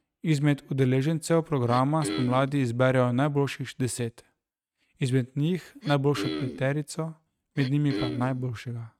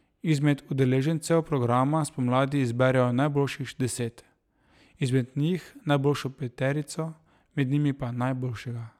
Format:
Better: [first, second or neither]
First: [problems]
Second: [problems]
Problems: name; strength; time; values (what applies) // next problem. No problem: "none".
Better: second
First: noise reduction (neural mask model RNNoise)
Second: none